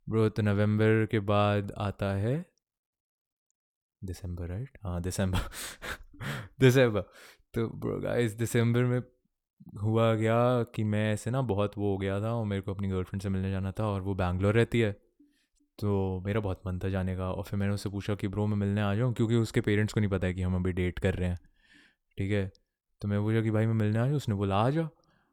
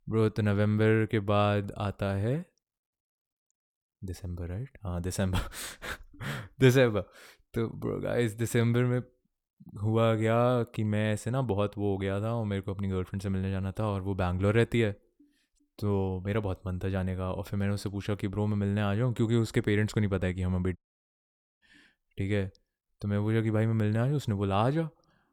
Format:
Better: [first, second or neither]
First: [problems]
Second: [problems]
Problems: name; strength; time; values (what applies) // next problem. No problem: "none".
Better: first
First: none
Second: audio cutting out; at 21 s for 1 s